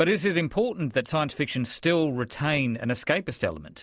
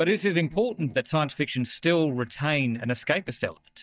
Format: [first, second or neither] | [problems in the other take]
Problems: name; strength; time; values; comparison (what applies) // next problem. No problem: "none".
first | noise reduction (neural mask model DeepFilterNet 3)